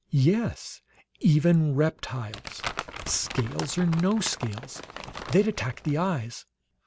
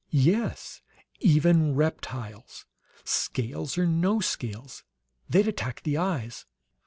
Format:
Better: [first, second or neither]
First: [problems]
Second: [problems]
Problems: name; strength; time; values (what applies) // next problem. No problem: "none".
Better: second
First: background sound (Crumpling, crinkling); 12 dB below the speech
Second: none